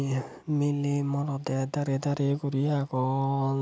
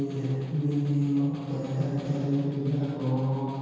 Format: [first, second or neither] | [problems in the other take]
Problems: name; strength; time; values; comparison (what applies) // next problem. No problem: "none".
first | background sound (Snare drum); 18 dB below the speech // room echo; dies away in 2 s